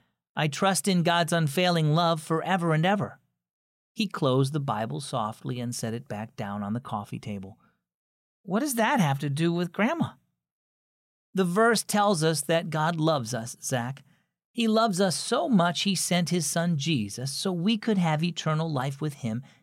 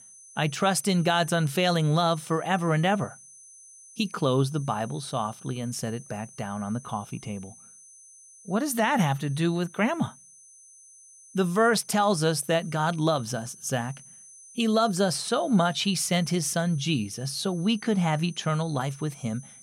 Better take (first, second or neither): first